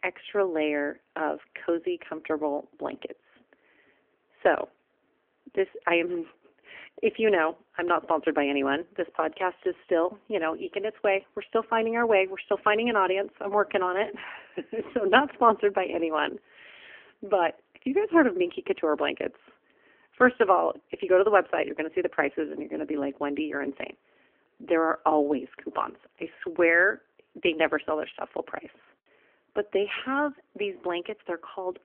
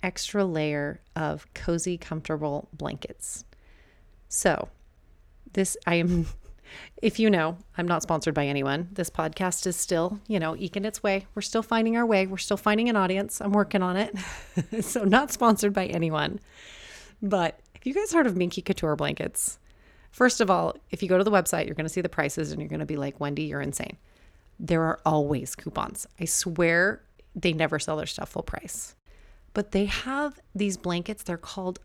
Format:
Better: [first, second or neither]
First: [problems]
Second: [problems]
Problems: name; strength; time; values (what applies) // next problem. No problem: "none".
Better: second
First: phone-call audio; nothing above 3 kHz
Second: none